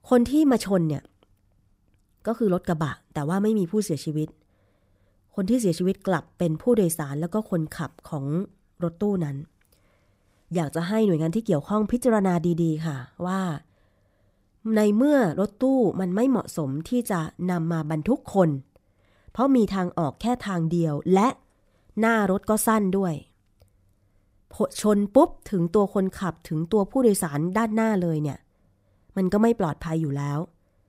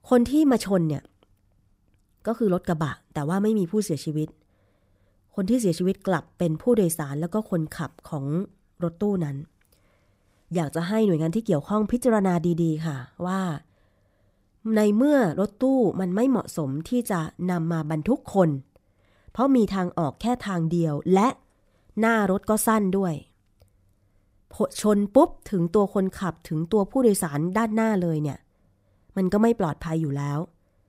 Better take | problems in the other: neither | none

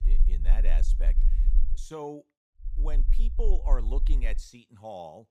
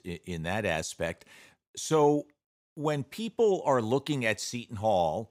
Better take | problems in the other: second | low rumble; noticeable; until 1.5 s and from 2.5 to 4.5 s; 15 dB below the speech

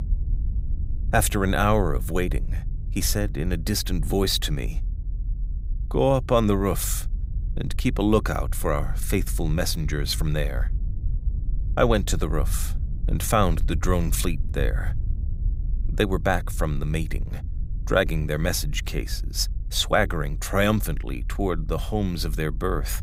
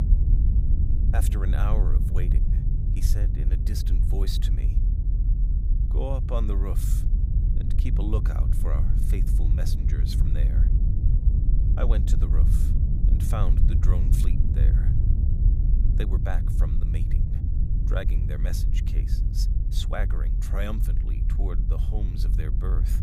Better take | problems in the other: first | low rumble; loud; throughout; 3 dB below the speech; faint in the first

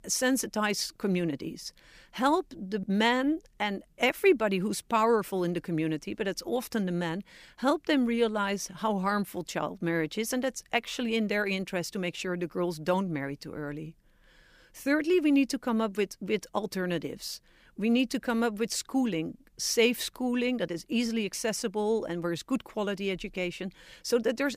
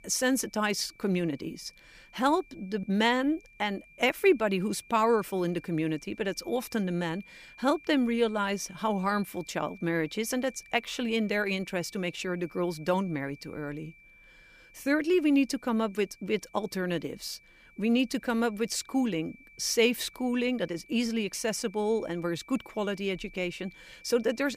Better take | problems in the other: first | high-pitched whine; faint; throughout; 2.5 kHz, 25 dB below the speech

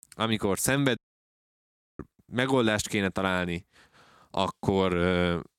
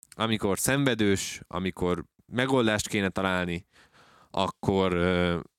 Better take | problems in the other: second | audio cutting out; at 1 s for 1 s

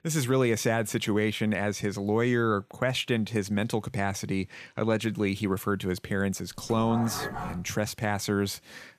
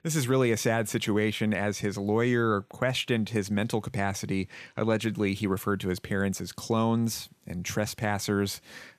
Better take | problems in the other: second | dog barking; noticeable; from 6.5 to 7.5 s; peak 6 dB below the speech

